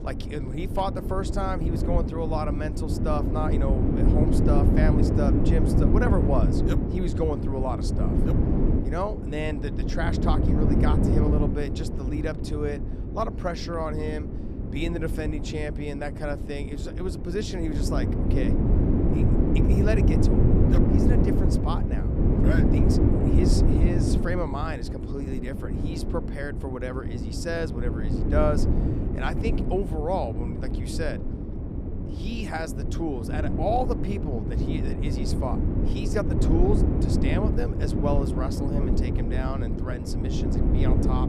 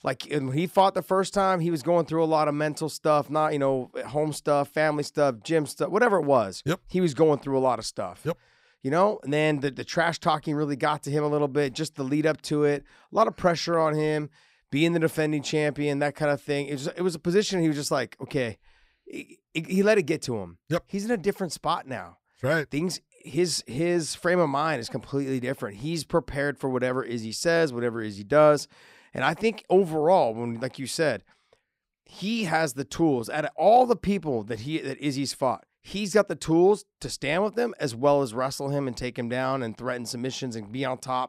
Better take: second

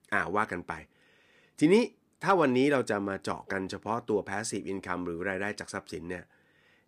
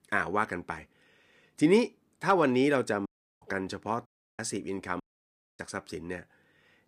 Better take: first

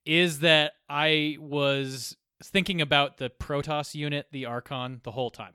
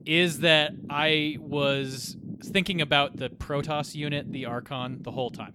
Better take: first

